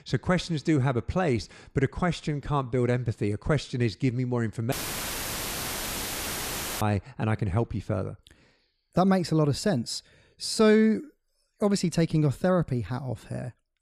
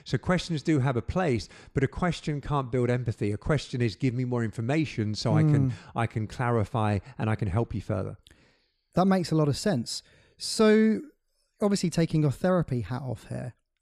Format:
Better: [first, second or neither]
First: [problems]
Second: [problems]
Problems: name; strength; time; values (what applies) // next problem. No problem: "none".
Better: second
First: audio cutting out; filled with static; at 4.5 s for 2 s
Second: none